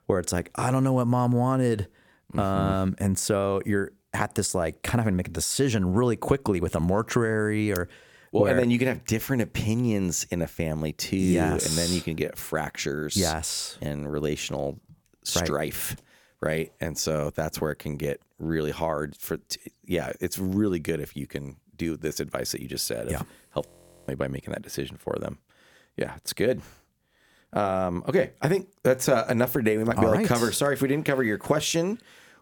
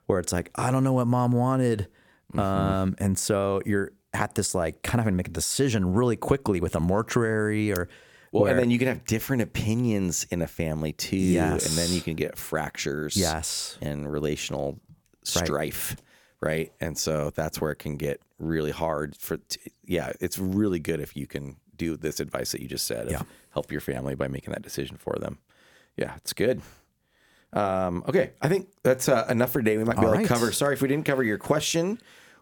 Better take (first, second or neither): second